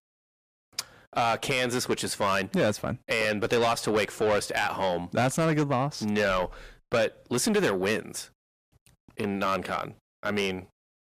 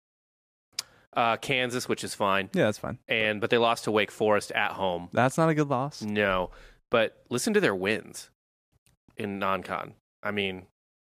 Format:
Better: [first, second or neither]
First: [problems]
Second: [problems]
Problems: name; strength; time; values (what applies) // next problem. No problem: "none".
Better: second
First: distortion; heavy; 7 dB below the speech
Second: none